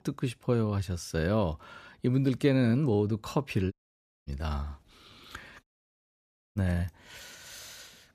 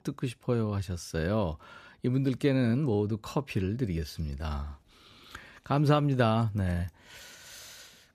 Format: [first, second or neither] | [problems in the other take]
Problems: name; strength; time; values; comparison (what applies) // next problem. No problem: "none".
second | audio cutting out; at 3.5 s for 0.5 s and at 5.5 s for 1 s